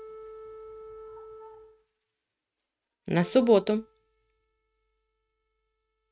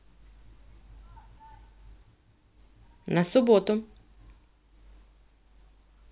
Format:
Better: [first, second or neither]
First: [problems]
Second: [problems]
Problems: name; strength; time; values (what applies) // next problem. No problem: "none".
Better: second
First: noise reduction (neural mask model RNNoise)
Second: none